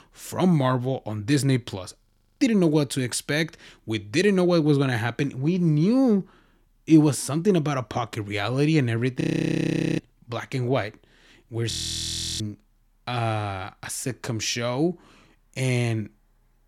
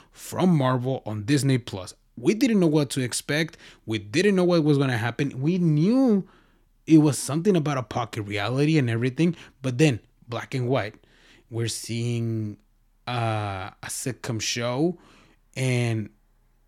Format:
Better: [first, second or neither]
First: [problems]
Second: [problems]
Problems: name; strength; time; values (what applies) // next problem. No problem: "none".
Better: second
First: audio freezing; at 2 s, at 9 s for 1 s and at 12 s for 0.5 s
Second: none